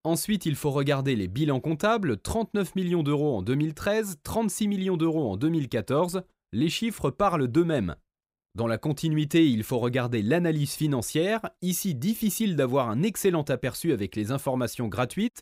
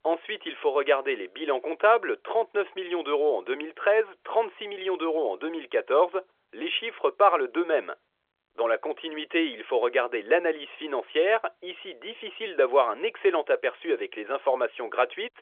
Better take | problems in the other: first | phone-call audio; nothing above 3.5 kHz

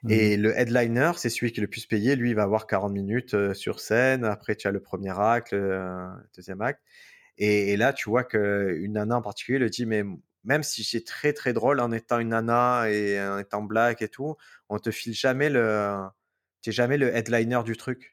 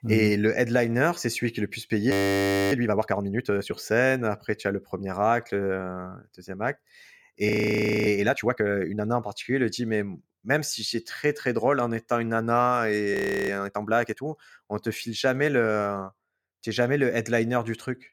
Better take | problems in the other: first | audio freezing; at 2 s for 0.5 s, at 7.5 s for 0.5 s and at 13 s

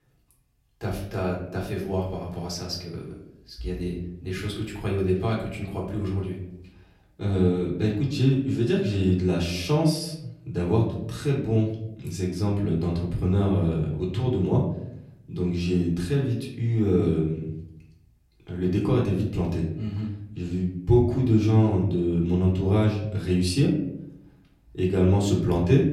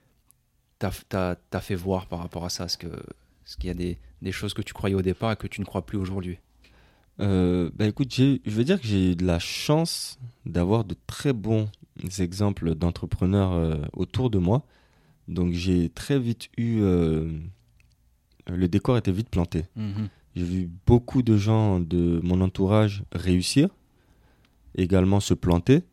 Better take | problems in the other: second | room echo; slight; dies away in 0.7 s // off-mic speech; far

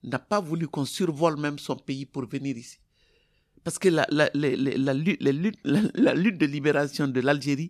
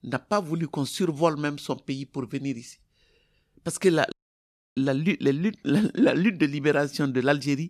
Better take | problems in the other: first | audio cutting out; at 4 s for 0.5 s

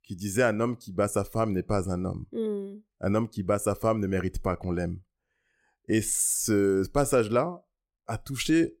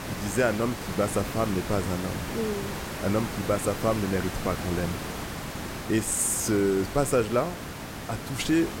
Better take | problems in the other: first | hiss; loud; throughout; 7 dB below the speech

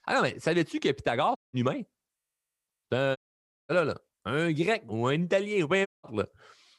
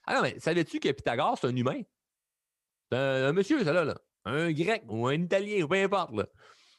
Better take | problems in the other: second | audio cutting out; at 1.5 s, at 3 s for 0.5 s and at 6 s

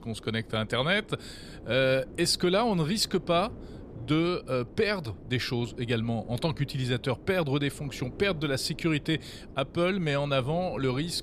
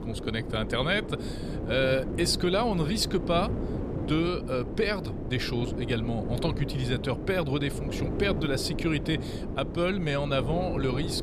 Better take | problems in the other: first | wind noise on the microphone; heavy; 9 dB below the speech; occasional gusts in the first

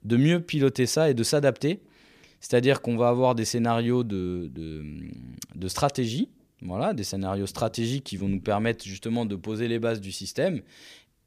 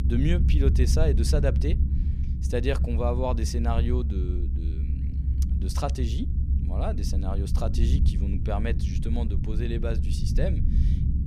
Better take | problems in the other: first | low rumble; loud; throughout; 8 dB below the speech

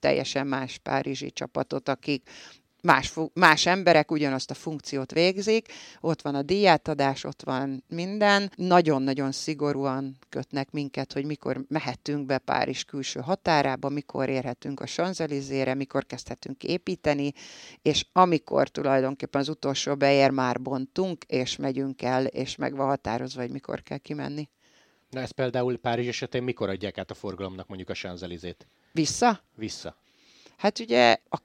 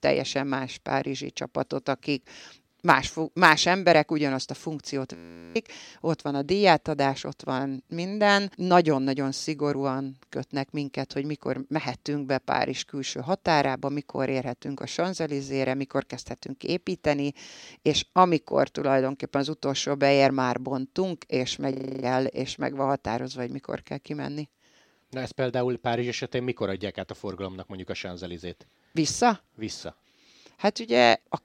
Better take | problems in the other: first | audio freezing; at 5 s and at 22 s

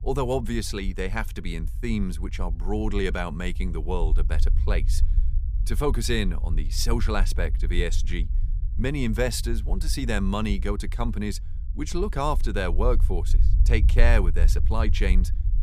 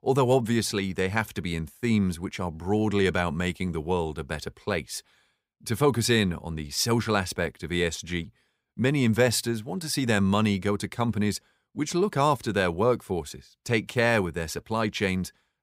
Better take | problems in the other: second | low rumble; noticeable; throughout; 20 dB below the speech

